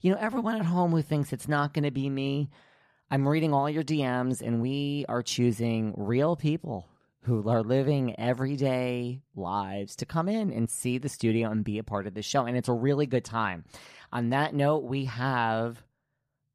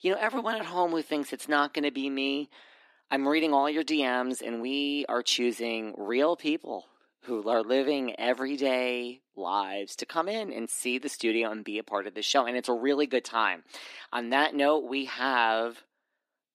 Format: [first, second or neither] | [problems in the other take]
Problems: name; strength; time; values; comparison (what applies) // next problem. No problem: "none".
first | thin; somewhat; fading below 300 Hz